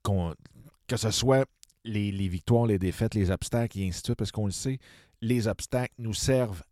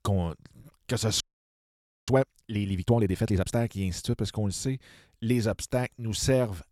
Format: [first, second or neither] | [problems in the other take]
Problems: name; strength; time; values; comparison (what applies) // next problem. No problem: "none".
first | audio freezing; at 1 s for 1 s